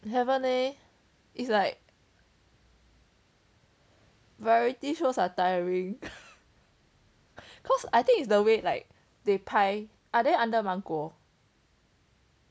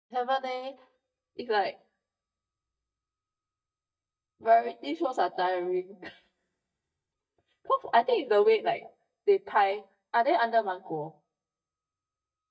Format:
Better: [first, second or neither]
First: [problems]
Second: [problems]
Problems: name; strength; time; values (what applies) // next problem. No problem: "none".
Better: first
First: none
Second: noise reduction (neural mask model DeepFilterNet 3)